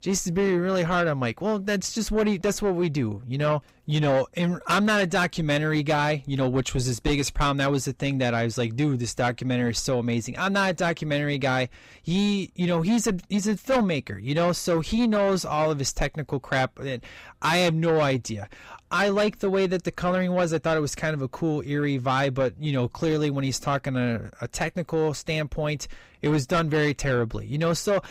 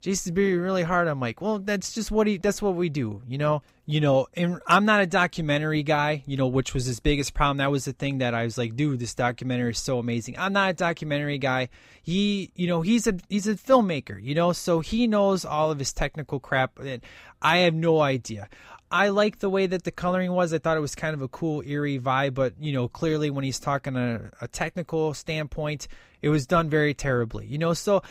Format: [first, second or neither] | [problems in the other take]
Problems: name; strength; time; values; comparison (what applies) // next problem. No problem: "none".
second | distortion; slight; 10 dB below the speech